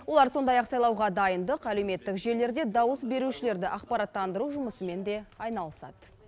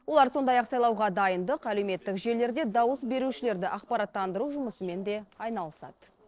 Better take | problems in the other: first | noise reduction (neural separator model SepFormer DNS4)

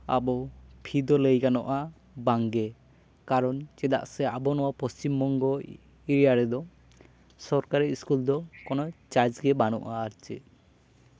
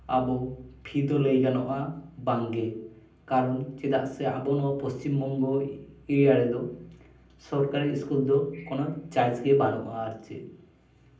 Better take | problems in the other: first | room echo; dies away in 0.6 s

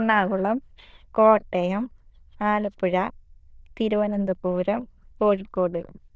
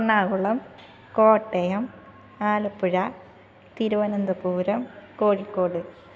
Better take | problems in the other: second | noise reduction (neural diffusion model UNIVERSE++)

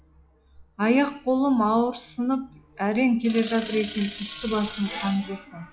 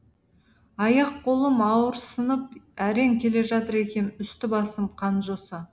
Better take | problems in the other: second | noise reduction (classical method log-MMSE)

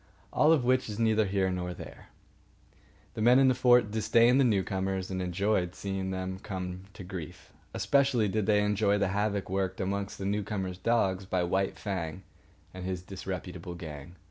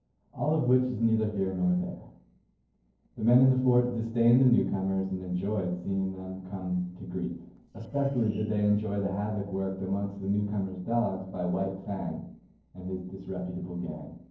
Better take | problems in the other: first | noise reduction (neural separator model SepFormer DNS4)

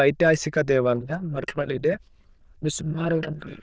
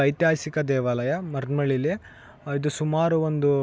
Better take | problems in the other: second | noise reduction (neural diffusion model UNIVERSE++)

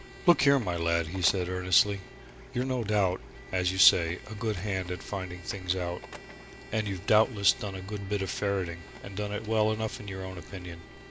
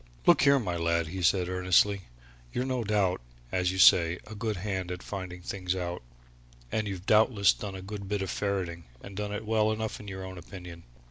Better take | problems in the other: second | background sound (Printer + Trumpet); 17 dB below the speech

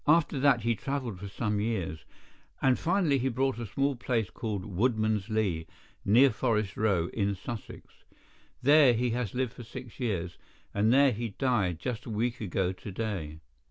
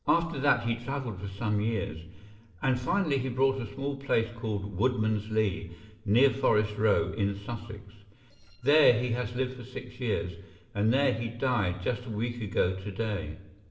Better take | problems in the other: first | noise reduction (neural separator model SepFormer DNS4)

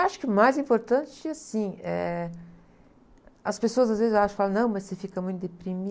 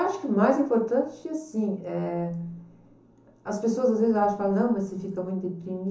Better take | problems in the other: first | room echo; dies away in 0.7 s

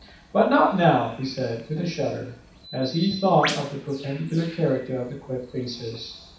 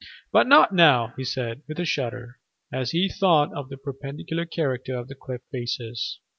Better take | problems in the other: second | background sound (Bird); 14 dB below the speech // room echo; dies away in 0.7 s

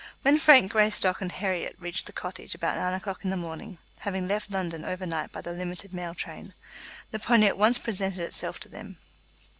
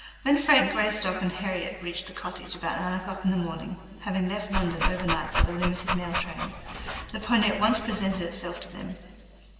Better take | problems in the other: first | background sound (Dog); 1 dB below the speech // room echo; dies away in 2.3 s

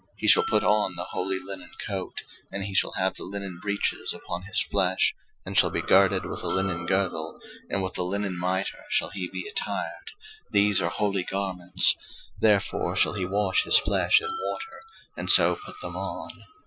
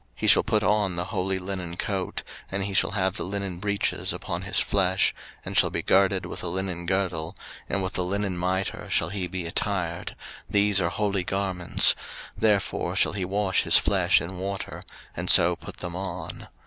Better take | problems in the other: second | noise reduction (classical method Wiener filter)

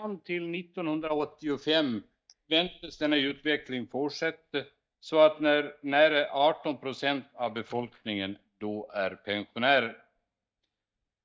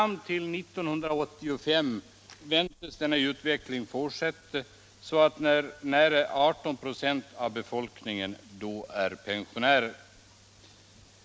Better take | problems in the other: second | noise reduction (neural mask model DeepFilterNet 3)

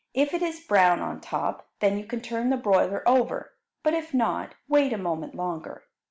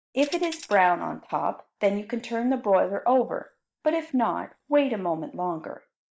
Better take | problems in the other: first | noise reduction (neural mask model DeepFilterNet 3)

